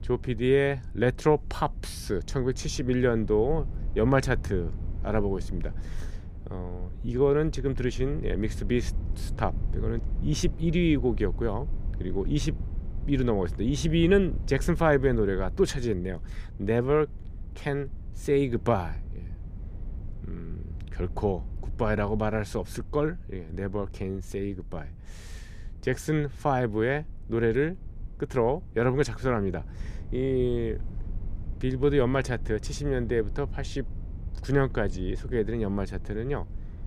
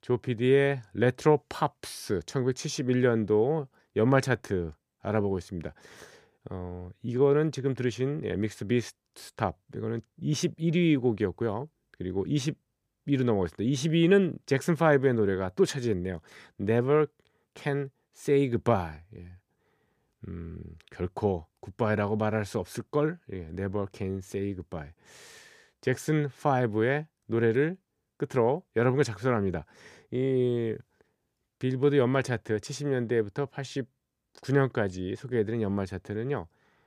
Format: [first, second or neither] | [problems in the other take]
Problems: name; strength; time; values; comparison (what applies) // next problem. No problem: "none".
second | low rumble; faint; throughout; 25 dB below the speech